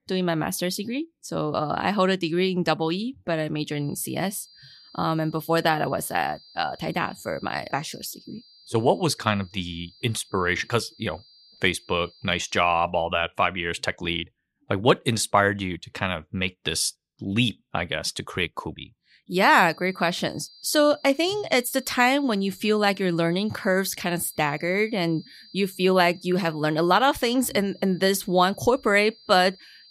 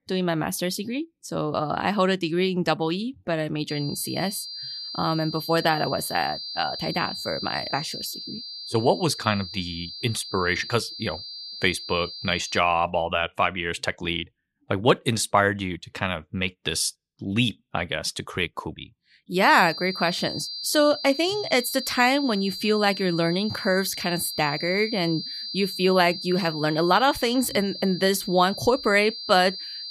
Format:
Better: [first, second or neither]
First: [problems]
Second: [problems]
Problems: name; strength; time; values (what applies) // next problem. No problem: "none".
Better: first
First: high-pitched whine; faint; from 3.5 to 13 s and from 19 s on; 4.5 kHz, 25 dB below the speech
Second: high-pitched whine; loud; from 3.5 to 13 s and from 19 s on; 4.5 kHz, 8 dB below the speech